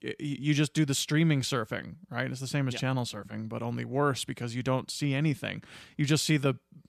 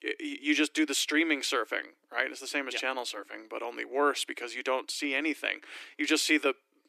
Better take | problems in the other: first | thin; somewhat; fading below 300 Hz

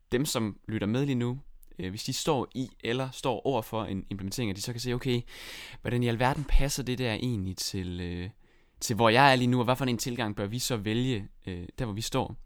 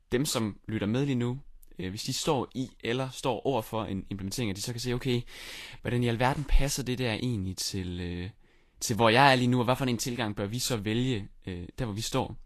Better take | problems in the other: first | garbled, watery; slightly; nothing above 13 kHz

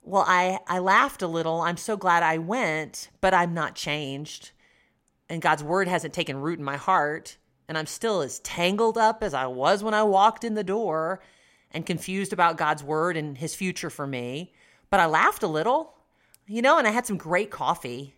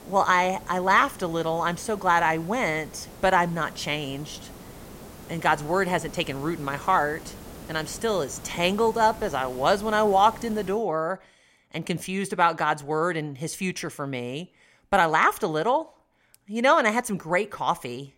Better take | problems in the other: first | hiss; noticeable; until 11 s; 20 dB below the speech

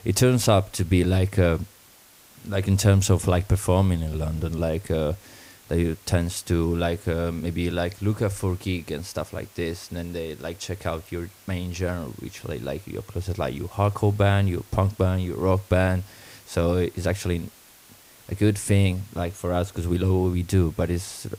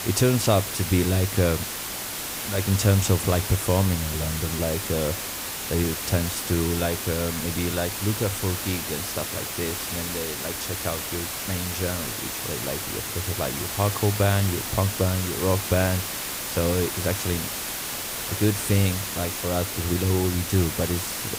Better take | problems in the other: first | hiss; loud; throughout; 3 dB below the speech; faint in the first

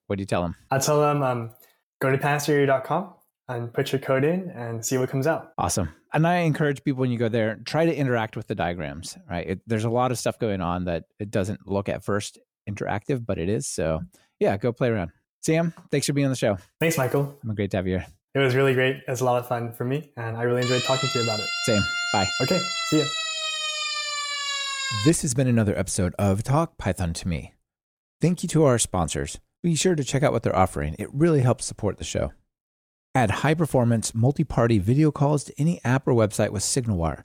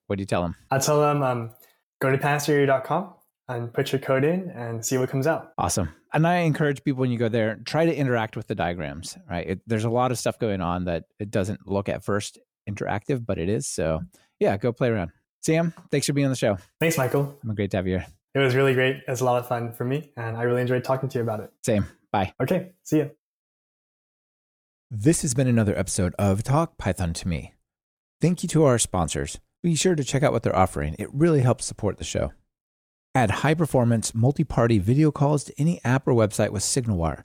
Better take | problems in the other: second | siren; noticeable; from 21 to 25 s; peak level with the speech

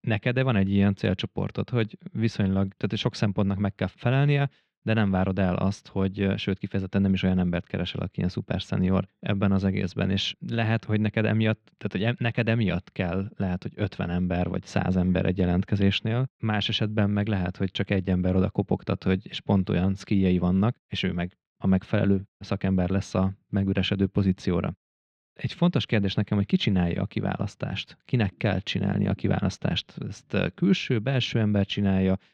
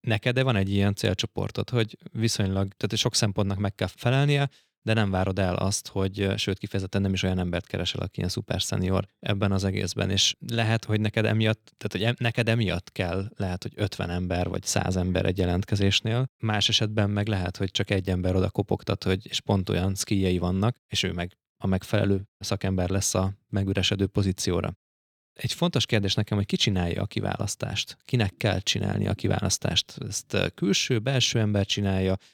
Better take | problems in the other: second | muffled; slightly; fading above 2.5 kHz

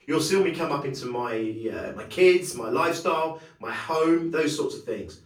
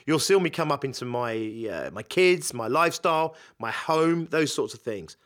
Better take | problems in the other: second | off-mic speech; far // room echo; slight; dies away in 0.3 s

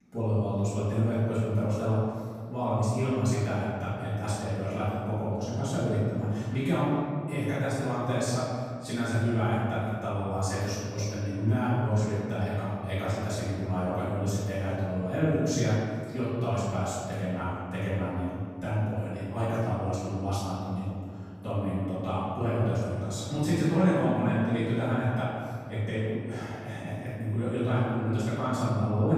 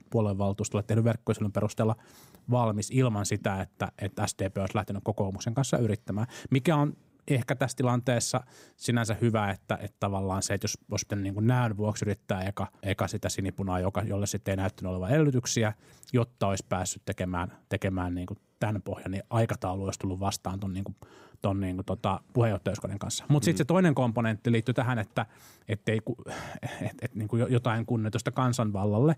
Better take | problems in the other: second | room echo; strong; dies away in 1.9 s // off-mic speech; far

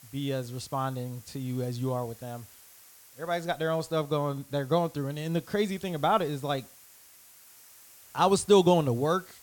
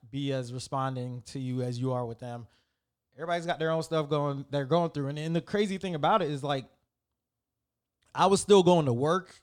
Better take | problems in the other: second | hiss; faint; throughout; 20 dB below the speech

